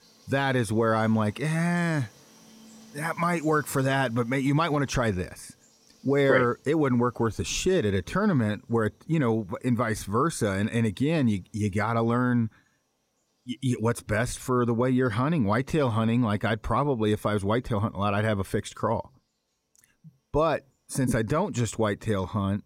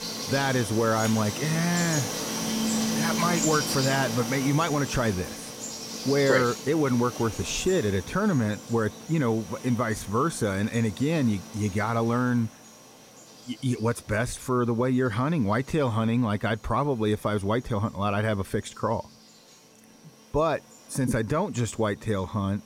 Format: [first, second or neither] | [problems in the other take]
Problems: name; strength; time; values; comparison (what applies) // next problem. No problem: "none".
first | animal sounds; loud; throughout; 6 dB below the speech; faint in the first